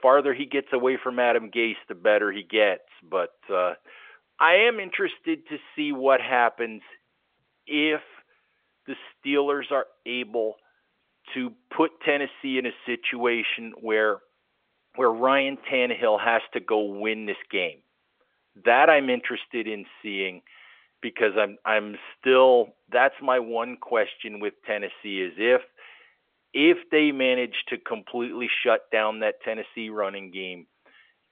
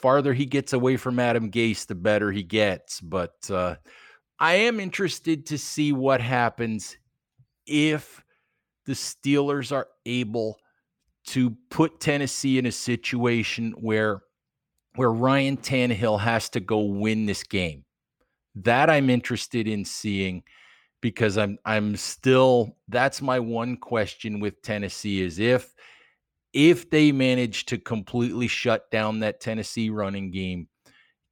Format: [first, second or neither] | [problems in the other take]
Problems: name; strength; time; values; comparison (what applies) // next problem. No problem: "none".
second | phone-call audio; nothing above 3.5 kHz